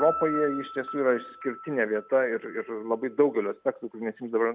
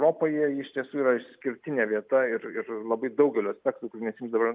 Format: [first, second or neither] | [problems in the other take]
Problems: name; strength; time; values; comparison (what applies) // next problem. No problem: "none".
second | background sound (Piano); 12 dB below the speech